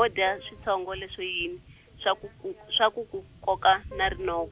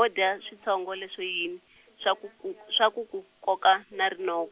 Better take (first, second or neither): second